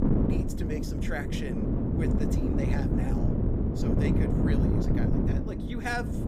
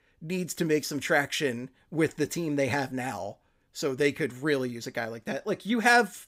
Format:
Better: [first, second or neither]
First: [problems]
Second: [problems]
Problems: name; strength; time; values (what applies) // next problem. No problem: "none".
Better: second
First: wind noise on the microphone; heavy; 3 dB above the speech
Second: none